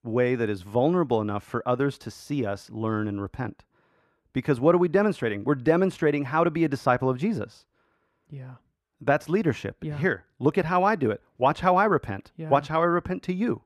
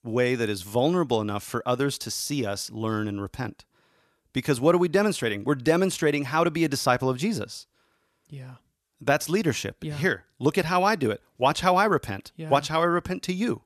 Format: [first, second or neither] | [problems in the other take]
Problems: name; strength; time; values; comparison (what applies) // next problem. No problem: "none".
second | muffled; slightly; fading above 3 kHz